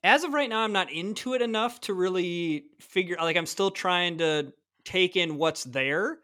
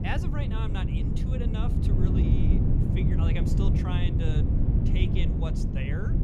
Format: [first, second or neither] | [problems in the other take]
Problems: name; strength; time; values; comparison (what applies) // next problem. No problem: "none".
first | wind noise on the microphone; heavy; 2 dB above the speech